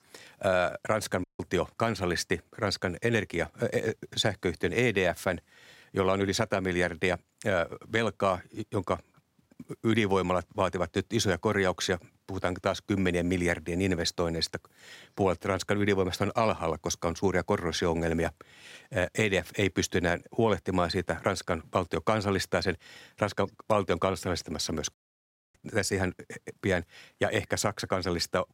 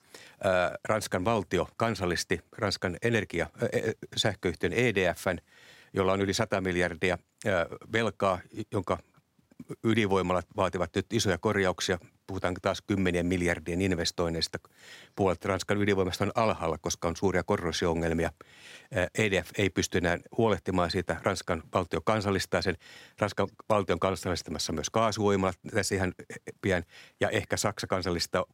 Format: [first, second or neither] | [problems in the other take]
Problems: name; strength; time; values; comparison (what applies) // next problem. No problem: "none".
second | audio cutting out; at 1 s and at 25 s for 0.5 s